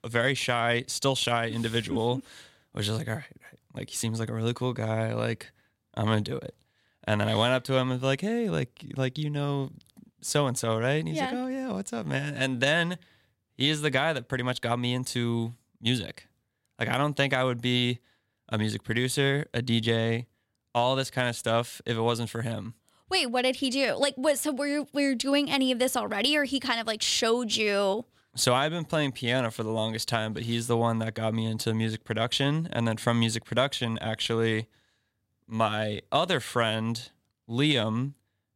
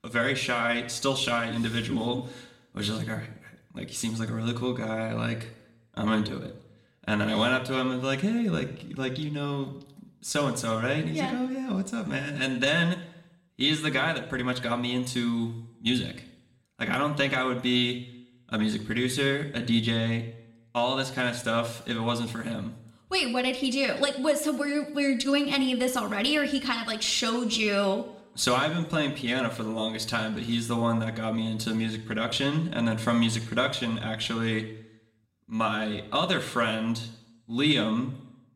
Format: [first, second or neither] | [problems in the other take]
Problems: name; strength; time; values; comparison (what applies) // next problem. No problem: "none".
first | room echo; slight; dies away in 0.7 s